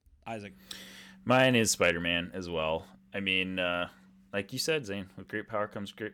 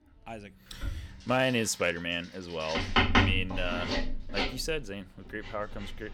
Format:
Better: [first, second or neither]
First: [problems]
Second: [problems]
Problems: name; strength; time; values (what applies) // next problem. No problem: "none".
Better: first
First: none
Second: household noises; very loud; throughout; 2 dB above the speech